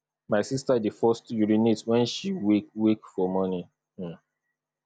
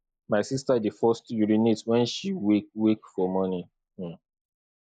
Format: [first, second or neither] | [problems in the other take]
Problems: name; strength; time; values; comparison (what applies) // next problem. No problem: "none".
first | noise reduction (neural mask model Resemble Enhance denoiser)